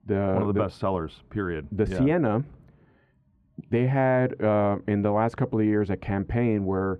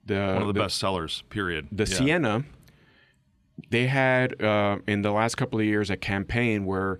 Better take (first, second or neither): second